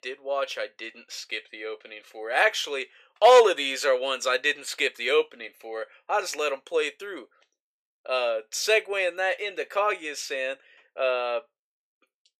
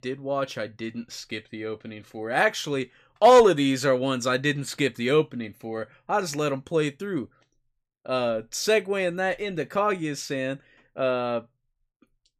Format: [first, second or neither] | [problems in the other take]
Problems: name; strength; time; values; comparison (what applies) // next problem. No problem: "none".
second | thin; very; fading below 450 Hz